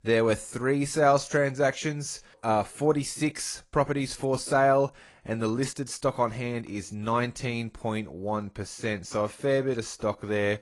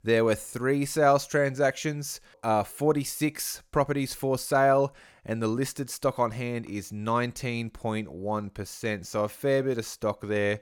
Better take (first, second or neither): second